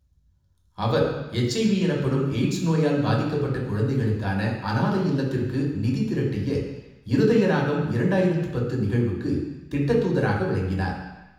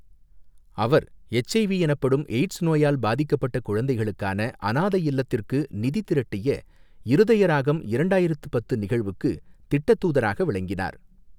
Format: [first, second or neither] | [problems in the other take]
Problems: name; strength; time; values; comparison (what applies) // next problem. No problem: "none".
second | room echo; dies away in 1 s